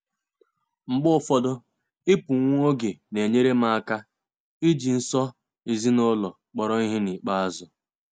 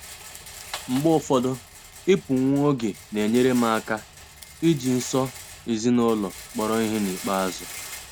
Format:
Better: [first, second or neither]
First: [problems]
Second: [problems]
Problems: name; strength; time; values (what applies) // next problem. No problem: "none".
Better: first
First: none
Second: background sound (Rattle); 16 dB below the speech